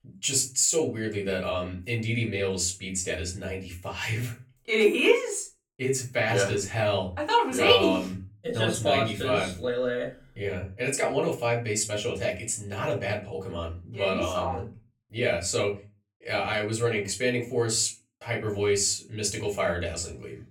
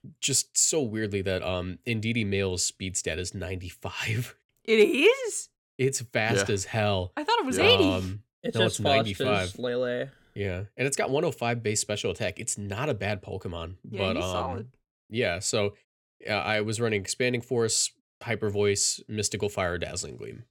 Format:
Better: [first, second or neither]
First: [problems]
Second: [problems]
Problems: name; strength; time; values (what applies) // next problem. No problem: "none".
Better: second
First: off-mic speech; far // room echo; very slight; dies away in 0.3 s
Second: none